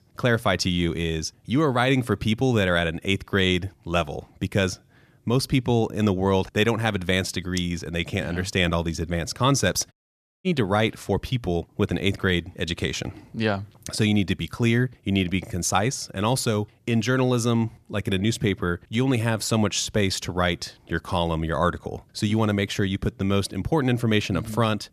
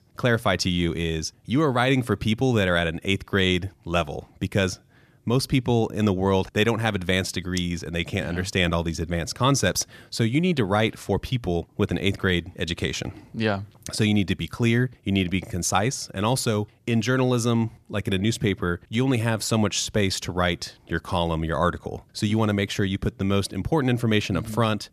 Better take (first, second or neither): second